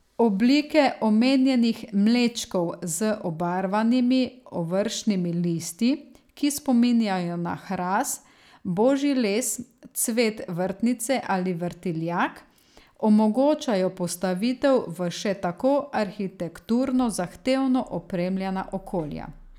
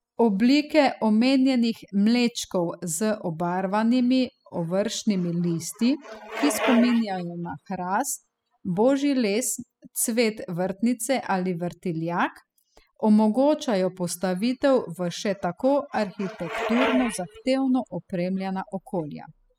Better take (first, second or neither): first